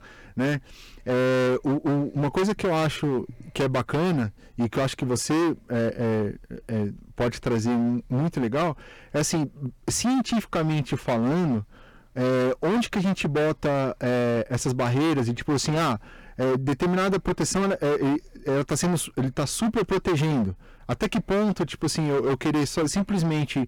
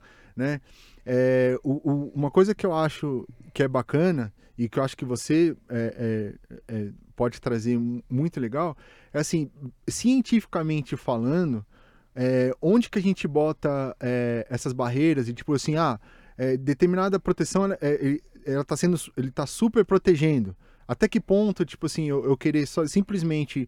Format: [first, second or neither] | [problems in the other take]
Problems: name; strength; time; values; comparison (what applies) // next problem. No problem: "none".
second | distortion; heavy; 25% of the sound clipped